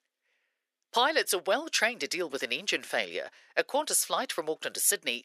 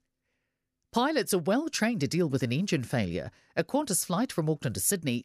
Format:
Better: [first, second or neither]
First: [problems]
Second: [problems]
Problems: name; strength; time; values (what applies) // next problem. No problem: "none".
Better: second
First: thin; very; fading below 450 Hz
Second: none